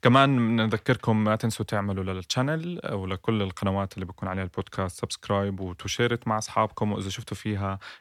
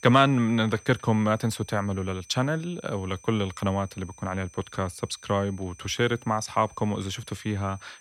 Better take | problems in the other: first | high-pitched whine; faint; throughout; 6 kHz, 25 dB below the speech

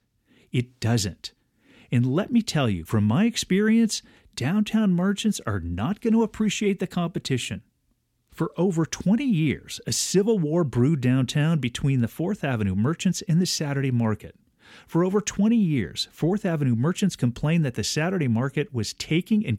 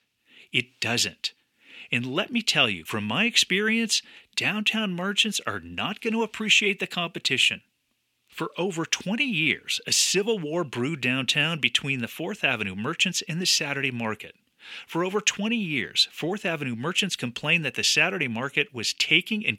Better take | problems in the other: first | thin; somewhat; fading below 1 kHz

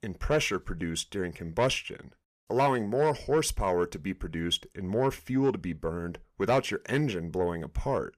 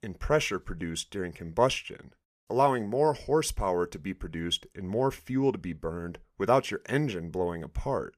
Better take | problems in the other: second | distortion; slight; 10 dB below the speech

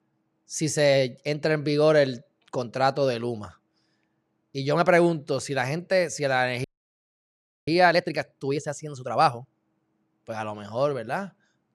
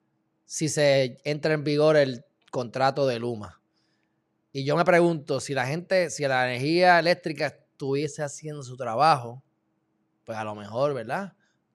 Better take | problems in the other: second | audio freezing; at 6.5 s for 1 s

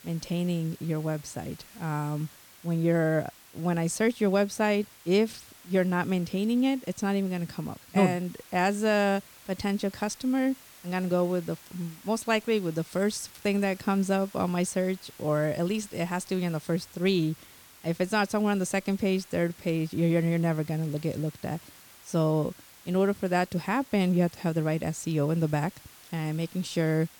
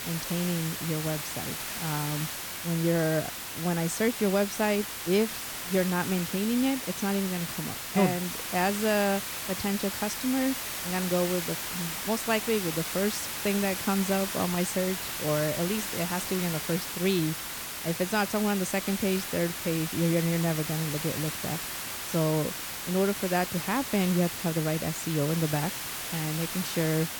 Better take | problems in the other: first | hiss; loud; throughout; 4 dB below the speech; faint in the first

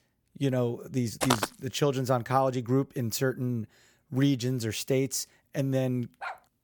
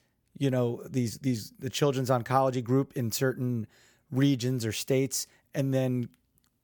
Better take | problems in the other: second | footsteps; loud; at 1 s; peak 1 dB above the speech // dog barking; faint; at 6 s; peak 10 dB below the speech

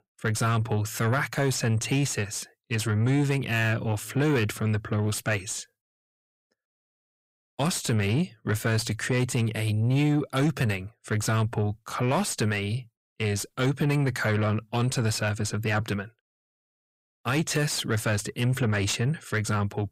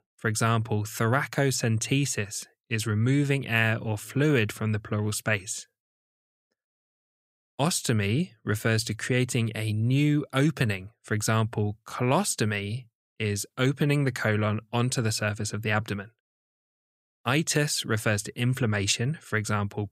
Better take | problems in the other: second | distortion; slight; 10 dB below the speech

